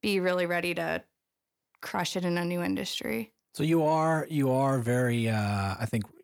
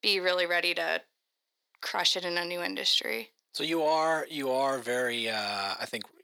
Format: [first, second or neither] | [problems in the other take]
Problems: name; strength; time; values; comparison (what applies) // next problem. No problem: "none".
first | thin; somewhat; fading below 500 Hz